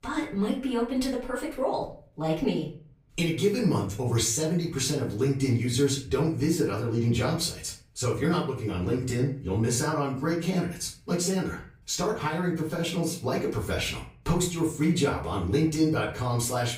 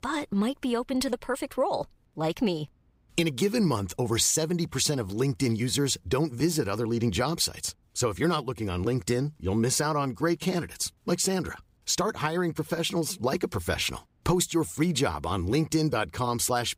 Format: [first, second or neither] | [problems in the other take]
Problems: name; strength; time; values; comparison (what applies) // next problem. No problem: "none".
second | room echo; slight; dies away in 0.4 s // off-mic speech; far